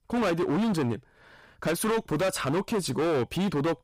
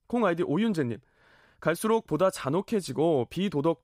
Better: second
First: distortion; heavy; 24% of the sound clipped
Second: none

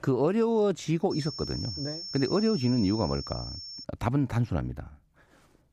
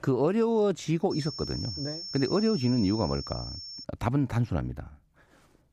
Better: neither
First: high-pitched whine; loud; from 1 to 4 s; 5.5 kHz, 9 dB below the speech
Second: high-pitched whine; loud; from 1 to 4 s; 5.5 kHz, 9 dB below the speech

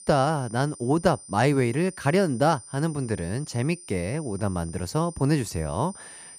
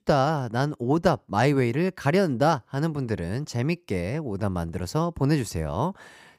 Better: second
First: high-pitched whine; noticeable; throughout; 9 kHz, 15 dB below the speech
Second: none

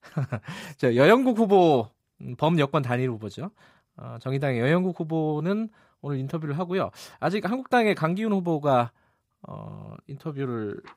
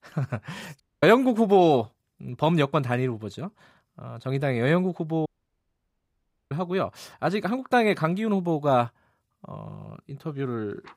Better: first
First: none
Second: audio cutting out; at 1 s and at 5.5 s for 1.5 s

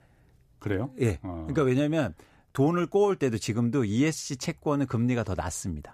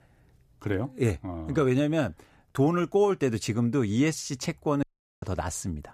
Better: first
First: none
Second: audio cutting out; at 5 s

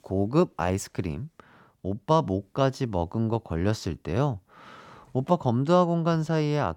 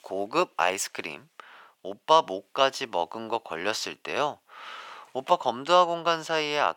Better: first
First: none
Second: thin; very; fading below 700 Hz

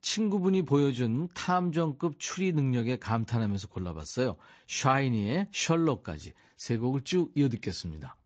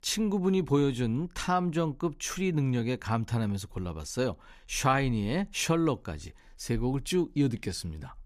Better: second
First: garbled, watery; slightly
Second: none

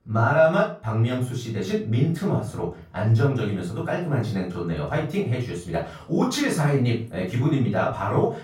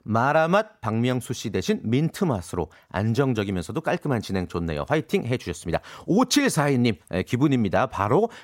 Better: second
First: off-mic speech; far // room echo; noticeable; dies away in 0.3 s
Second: none

